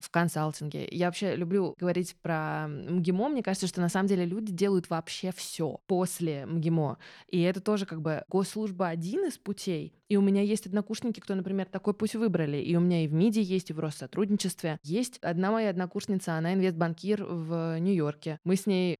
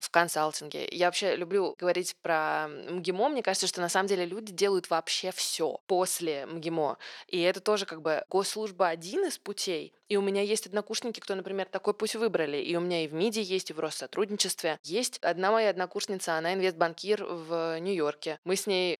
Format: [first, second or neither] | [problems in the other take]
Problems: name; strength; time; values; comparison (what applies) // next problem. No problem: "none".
first | thin; very; fading below 500 Hz